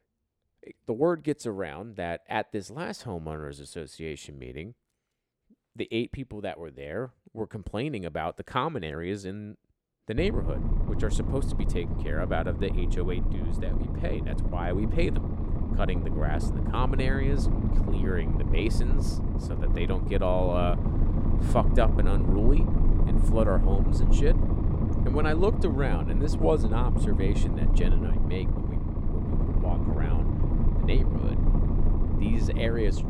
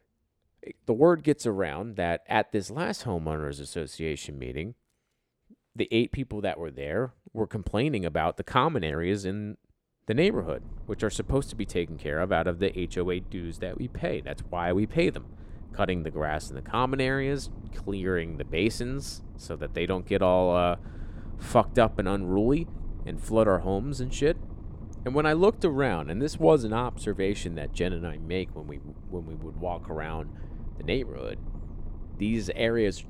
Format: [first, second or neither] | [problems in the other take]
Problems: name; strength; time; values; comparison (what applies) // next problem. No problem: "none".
second | low rumble; loud; from 10 s on; 5 dB below the speech; faint in the second